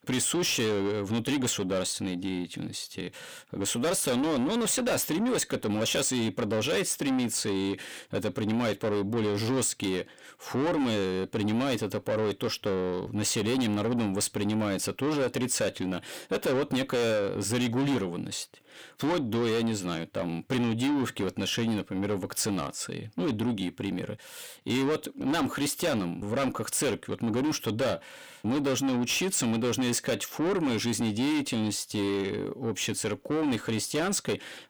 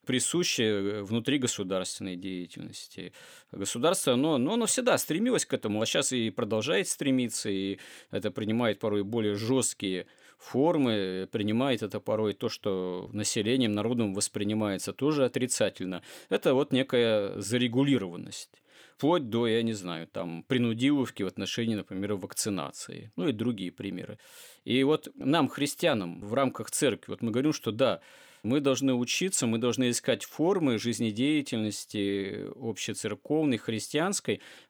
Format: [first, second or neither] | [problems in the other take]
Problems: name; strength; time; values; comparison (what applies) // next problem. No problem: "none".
second | distortion; heavy; 7 dB below the speech